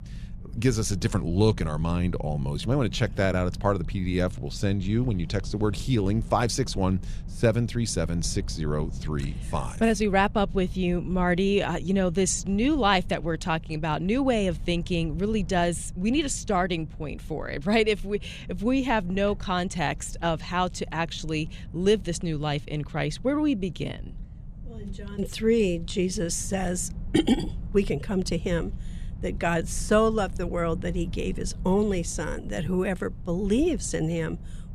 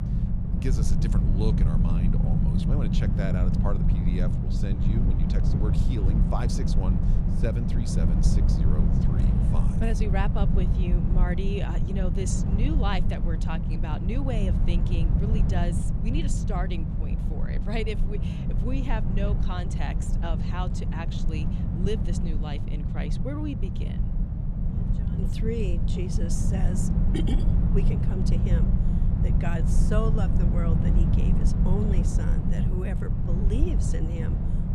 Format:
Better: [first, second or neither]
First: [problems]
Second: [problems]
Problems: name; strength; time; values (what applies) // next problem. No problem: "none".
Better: first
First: low rumble; faint; throughout; 25 dB below the speech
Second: low rumble; loud; throughout; 1 dB below the speech